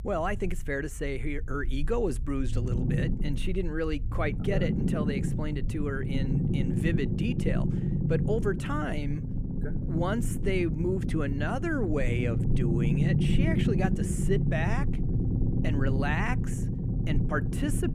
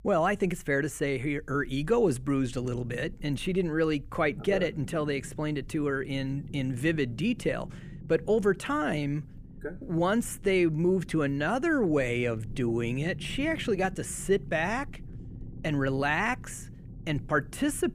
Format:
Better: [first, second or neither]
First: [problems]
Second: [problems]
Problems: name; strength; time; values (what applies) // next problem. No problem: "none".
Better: second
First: low rumble; loud; throughout; 5 dB below the speech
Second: low rumble; faint; throughout; 25 dB below the speech